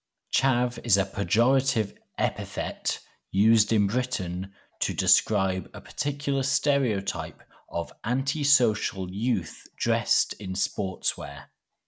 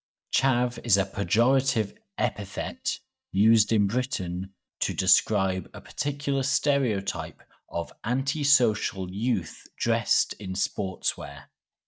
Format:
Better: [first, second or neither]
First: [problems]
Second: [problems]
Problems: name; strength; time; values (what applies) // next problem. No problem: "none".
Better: first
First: none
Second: noise reduction (neural mask model DeepFilterNet 3)